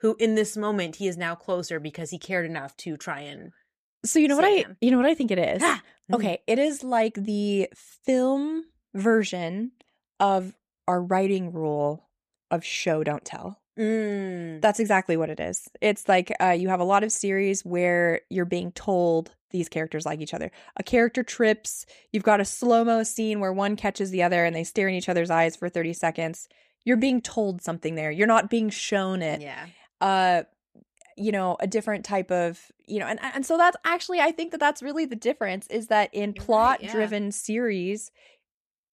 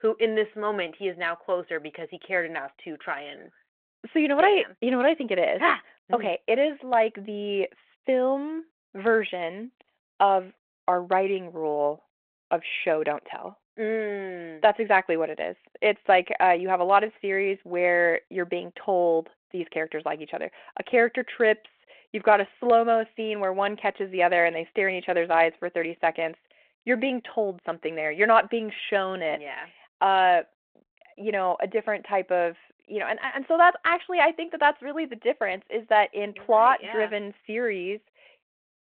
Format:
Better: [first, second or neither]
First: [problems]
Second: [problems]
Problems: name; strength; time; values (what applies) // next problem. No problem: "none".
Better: first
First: none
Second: phone-call audio